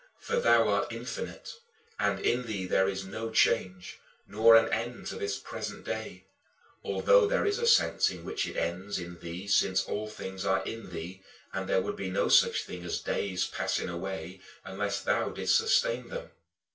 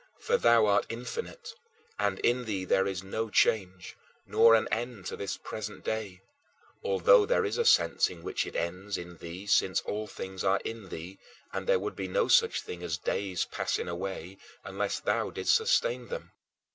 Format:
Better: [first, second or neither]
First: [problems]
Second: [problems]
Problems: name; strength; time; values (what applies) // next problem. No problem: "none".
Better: second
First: room echo; dies away in 0.2 s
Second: none